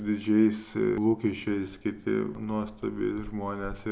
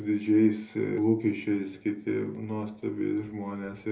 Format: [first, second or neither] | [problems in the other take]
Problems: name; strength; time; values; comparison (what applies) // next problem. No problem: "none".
first | room echo; dies away in 0.3 s